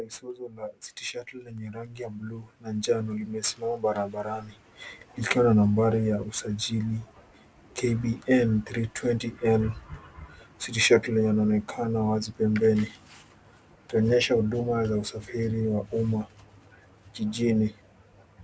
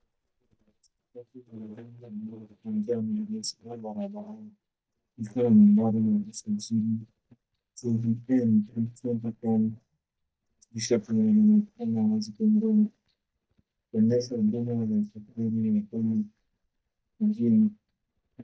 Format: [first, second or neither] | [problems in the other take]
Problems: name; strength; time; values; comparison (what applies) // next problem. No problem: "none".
first | noise reduction (neural mask model DeepFilterNet 3)